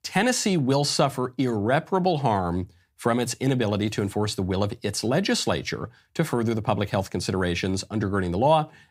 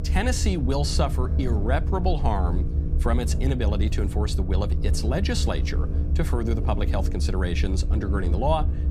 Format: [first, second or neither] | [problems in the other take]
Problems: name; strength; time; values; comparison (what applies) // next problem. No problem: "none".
first | low rumble; noticeable; throughout; 10 dB below the speech